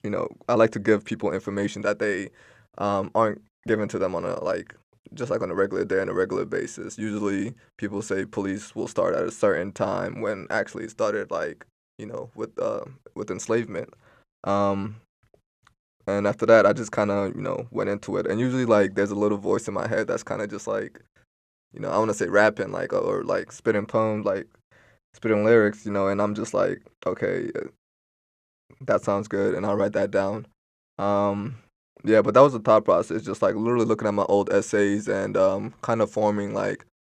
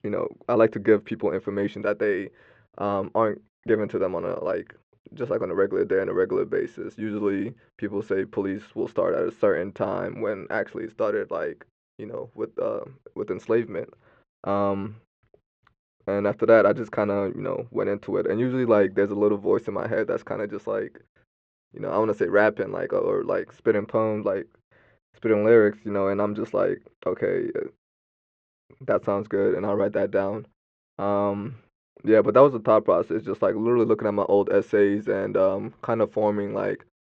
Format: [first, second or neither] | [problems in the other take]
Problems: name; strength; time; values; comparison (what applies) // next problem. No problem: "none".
first | muffled; very; fading above 3.5 kHz